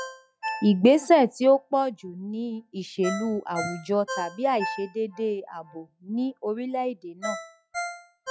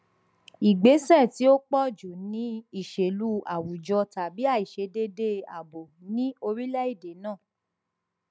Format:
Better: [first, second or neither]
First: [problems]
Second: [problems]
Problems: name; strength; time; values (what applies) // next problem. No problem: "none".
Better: second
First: noise reduction (classical method log-MMSE)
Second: none